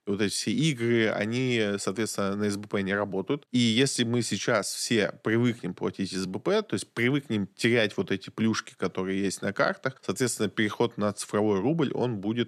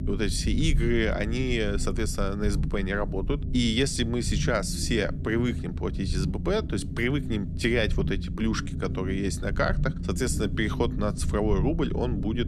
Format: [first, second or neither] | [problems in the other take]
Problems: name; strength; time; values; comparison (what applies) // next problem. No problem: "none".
first | low rumble; noticeable; throughout; 15 dB below the speech